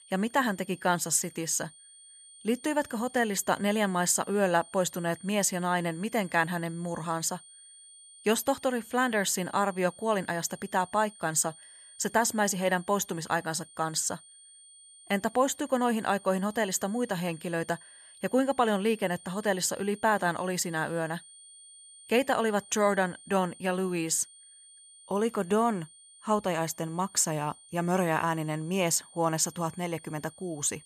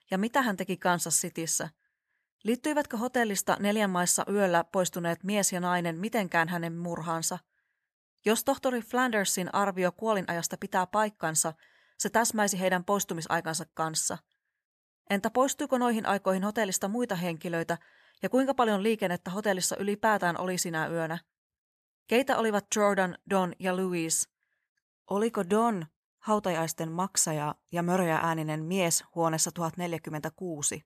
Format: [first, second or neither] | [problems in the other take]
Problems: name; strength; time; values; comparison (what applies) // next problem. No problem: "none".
second | high-pitched whine; faint; throughout; 9 kHz, 20 dB below the speech